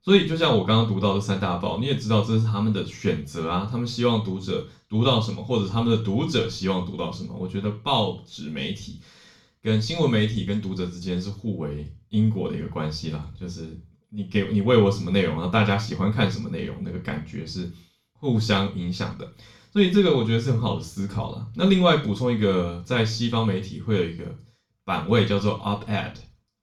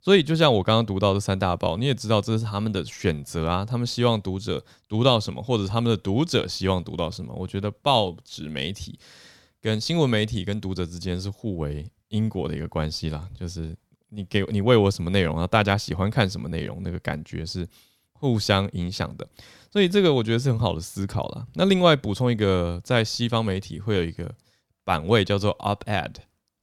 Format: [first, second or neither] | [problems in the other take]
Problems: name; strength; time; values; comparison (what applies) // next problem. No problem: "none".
second | room echo; slight; dies away in 0.3 s // off-mic speech; far